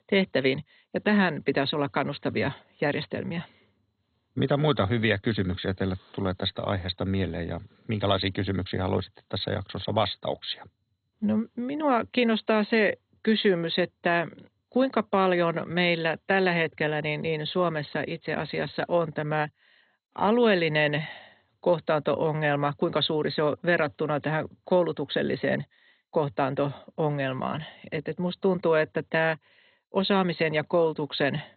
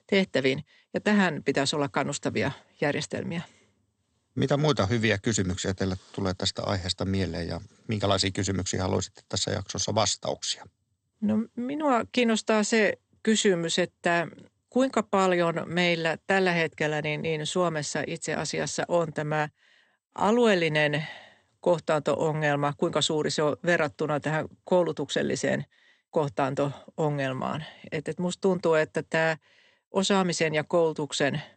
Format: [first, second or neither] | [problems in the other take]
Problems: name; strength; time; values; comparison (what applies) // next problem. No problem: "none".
second | garbled, watery; badly; nothing above 4 kHz; slightly in the second